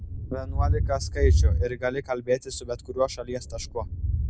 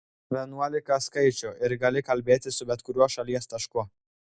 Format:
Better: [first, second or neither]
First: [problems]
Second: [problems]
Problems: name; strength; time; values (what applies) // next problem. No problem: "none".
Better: second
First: background sound (Thunder); 4 dB above the speech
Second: none